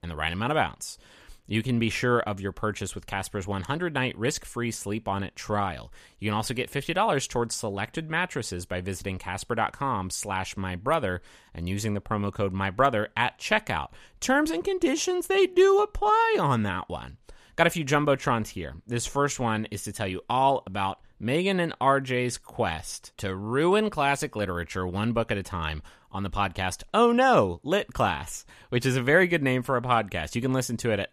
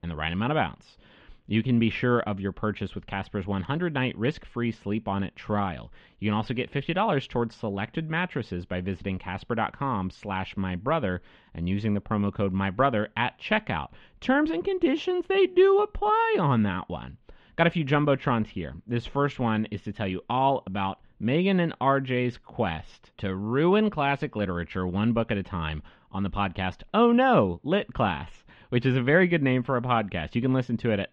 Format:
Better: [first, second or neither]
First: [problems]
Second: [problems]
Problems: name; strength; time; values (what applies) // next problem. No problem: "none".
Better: first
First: none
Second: muffled; very; fading above 3.5 kHz